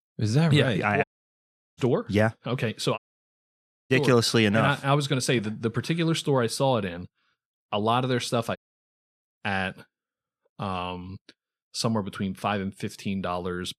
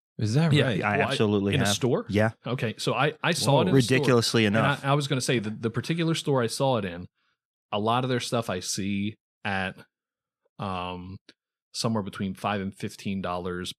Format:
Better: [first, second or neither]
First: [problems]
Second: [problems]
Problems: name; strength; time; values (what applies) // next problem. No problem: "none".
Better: second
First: audio cutting out; at 1 s for 0.5 s, at 3 s for 1 s and at 8.5 s for 0.5 s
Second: none